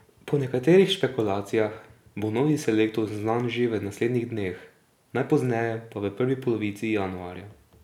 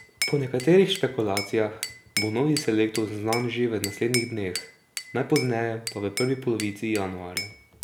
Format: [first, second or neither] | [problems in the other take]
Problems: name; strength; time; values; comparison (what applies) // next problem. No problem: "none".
first | background sound (Glass / Bell); 10 dB below the speech